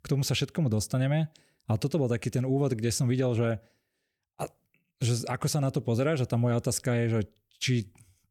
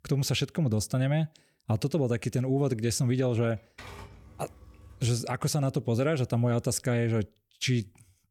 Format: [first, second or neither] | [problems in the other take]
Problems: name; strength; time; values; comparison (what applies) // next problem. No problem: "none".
first | keyboard typing; faint; from 3.5 to 5.5 s; peak 15 dB below the speech